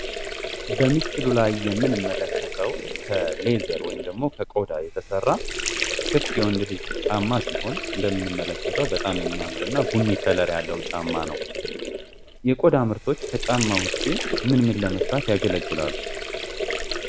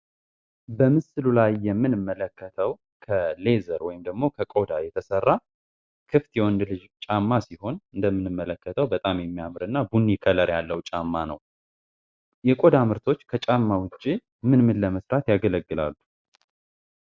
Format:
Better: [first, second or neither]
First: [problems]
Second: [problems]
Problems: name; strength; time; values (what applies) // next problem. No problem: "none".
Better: second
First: background sound (Sink (filling or washing) / Water); 4 dB below the speech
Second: none